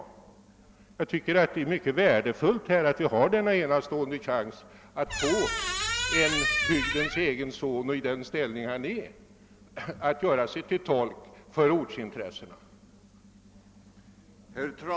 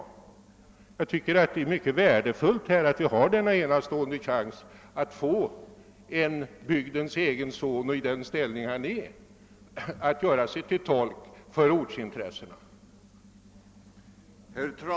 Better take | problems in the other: second | background sound (Squeak); 1 dB below the speech

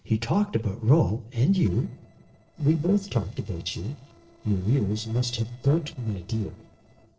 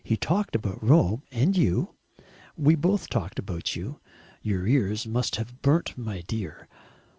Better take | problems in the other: second | noise reduction (neural separator model SepFormer DNS4)

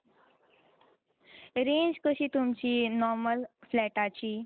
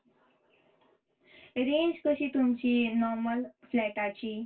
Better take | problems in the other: first | room echo; dies away in 0.1 s

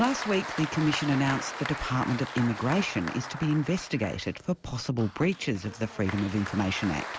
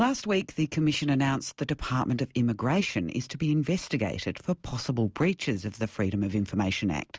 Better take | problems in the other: second | background sound (Applause); 10 dB below the speech

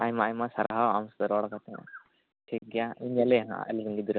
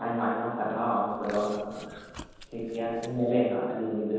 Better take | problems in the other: first | background sound (Chewing, mastication); 18 dB below the speech // room echo; dies away in 1.2 s

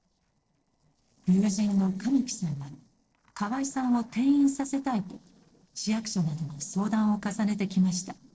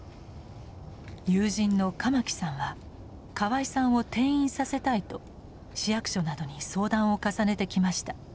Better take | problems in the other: second | noise reduction (neural separator model SepFormer DNS4)

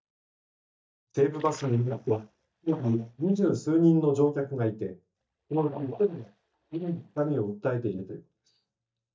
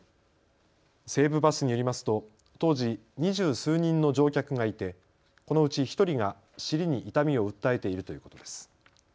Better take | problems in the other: second | noise reduction (neural mask model DeepFilterNet 3)

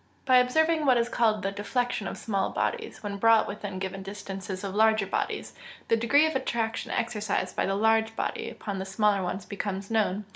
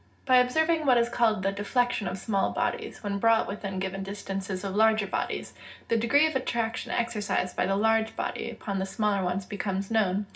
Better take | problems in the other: first | room echo; dies away in 0.4 s

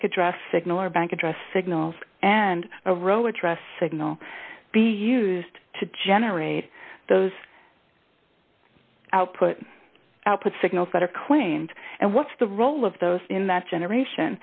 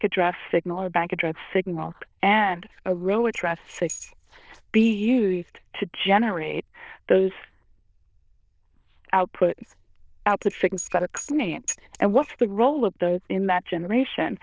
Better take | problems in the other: first | noise reduction (neural diffusion model UNIVERSE++)

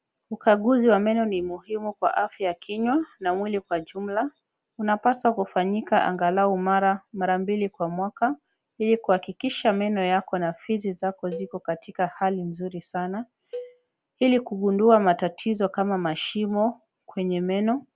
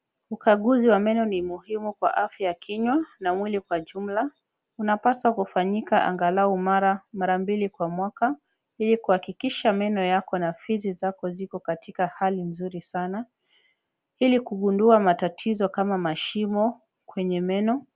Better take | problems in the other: second | background sound (Cowbell); 19 dB below the speech

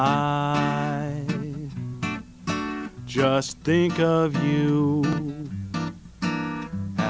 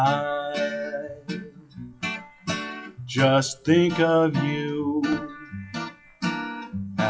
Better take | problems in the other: first | noise reduction (classical method WPE with log-MMSE)

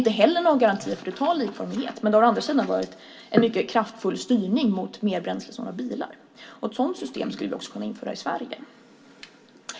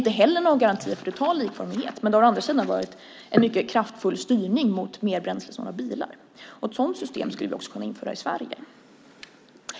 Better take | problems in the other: second | room echo; dies away in 0.2 s

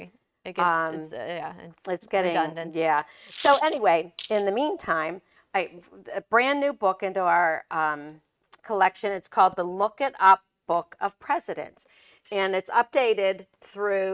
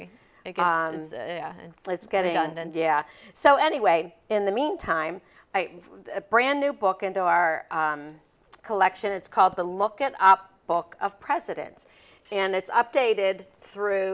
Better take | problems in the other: second | noise reduction (neural mask model RNNoise)

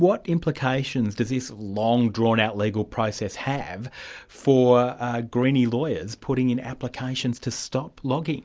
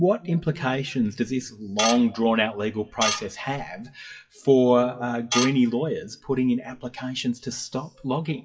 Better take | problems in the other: first | noise reduction (classical method WPE with log-MMSE)

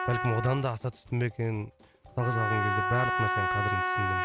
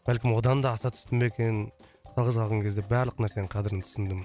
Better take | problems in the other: second | background sound (Trumpet); 1 dB below the speech

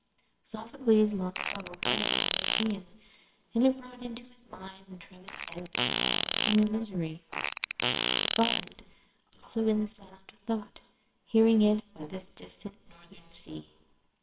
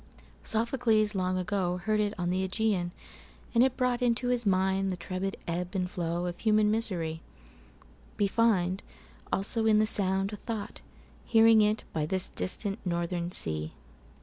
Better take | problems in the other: second | noise reduction (neural separator model SepFormer WHAMR!)

